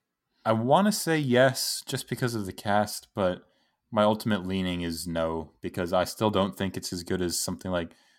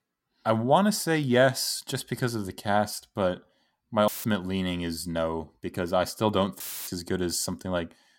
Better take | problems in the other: first | audio cutting out; filled with static; at 4 s and at 6.5 s

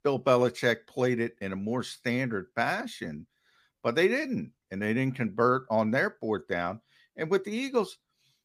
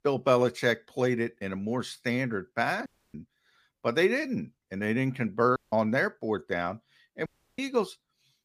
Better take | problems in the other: first | audio cutting out; at 3 s, at 5.5 s and at 7.5 s

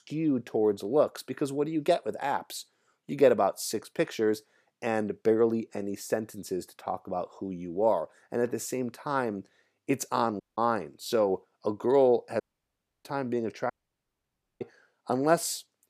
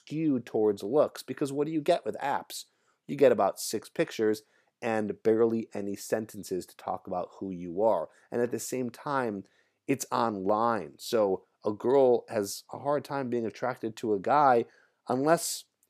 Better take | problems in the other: second | audio cutting out; at 10 s, at 12 s for 0.5 s and at 14 s for 1 s

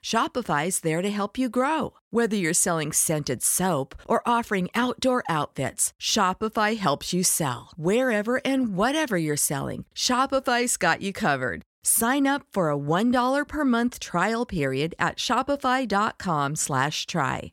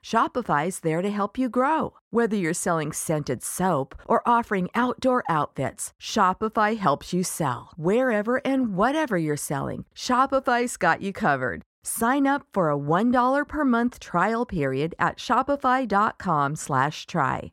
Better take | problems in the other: first | muffled; slightly; fading above 2 kHz

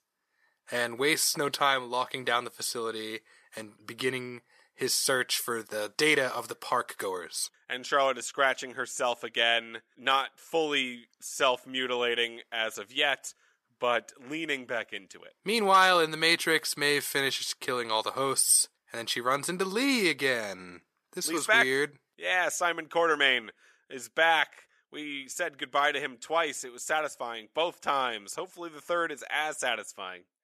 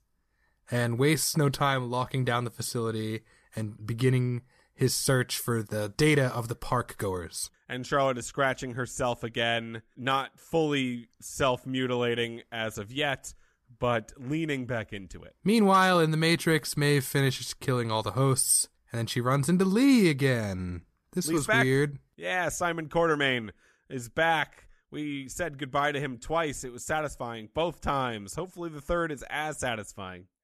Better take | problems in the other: second | thin; somewhat; fading below 400 Hz

